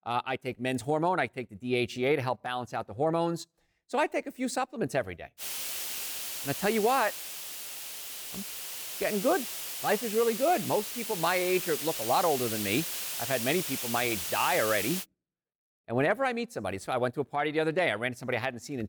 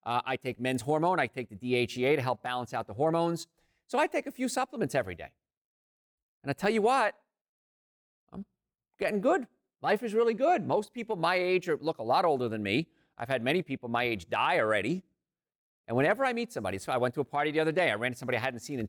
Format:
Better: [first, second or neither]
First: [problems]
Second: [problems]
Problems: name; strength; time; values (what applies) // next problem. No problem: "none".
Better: second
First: hiss; loud; from 5.5 to 15 s; 4 dB below the speech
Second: none